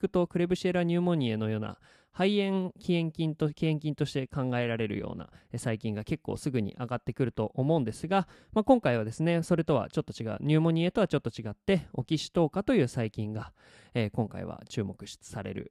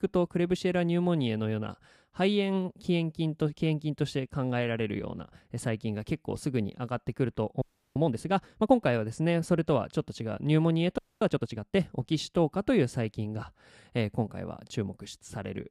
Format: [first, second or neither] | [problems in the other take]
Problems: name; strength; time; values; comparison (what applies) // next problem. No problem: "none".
first | audio freezing; at 7.5 s and at 11 s